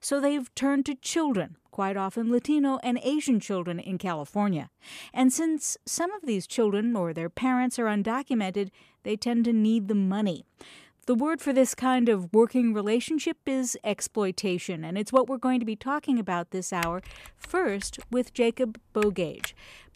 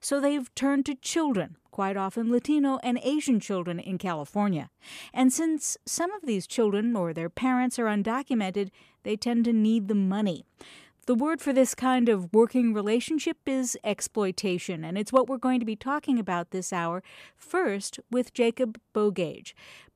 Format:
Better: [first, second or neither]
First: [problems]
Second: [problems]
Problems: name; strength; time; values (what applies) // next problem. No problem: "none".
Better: second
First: keyboard typing; noticeable; from 17 s on; peak 10 dB below the speech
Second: none